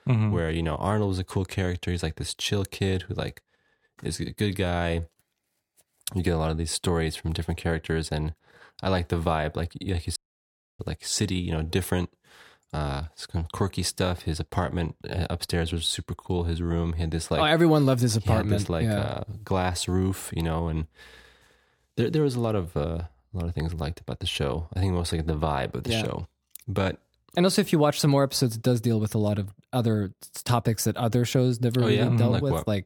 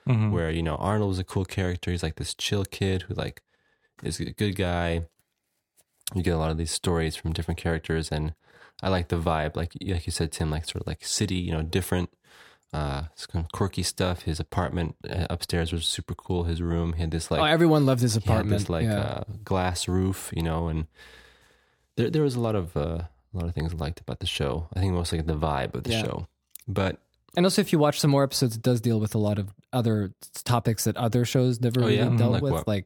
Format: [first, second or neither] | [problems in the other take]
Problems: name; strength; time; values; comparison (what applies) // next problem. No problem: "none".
second | audio cutting out; at 10 s for 0.5 s